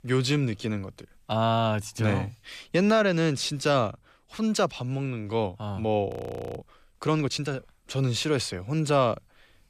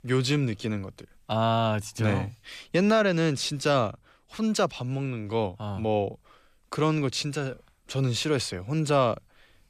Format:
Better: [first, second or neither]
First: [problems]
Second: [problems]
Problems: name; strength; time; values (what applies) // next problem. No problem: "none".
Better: second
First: audio freezing; at 6 s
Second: none